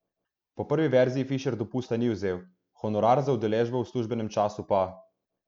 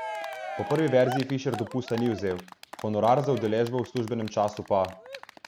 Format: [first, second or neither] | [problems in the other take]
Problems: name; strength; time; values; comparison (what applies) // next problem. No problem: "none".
first | background sound (Cheering); 12 dB below the speech